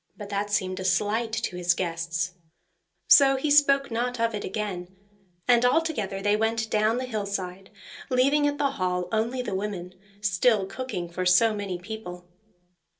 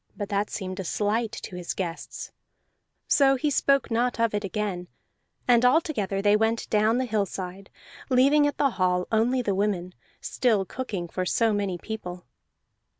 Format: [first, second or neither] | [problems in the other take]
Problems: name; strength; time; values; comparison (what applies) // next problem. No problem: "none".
second | room echo; dies away in 0.2 s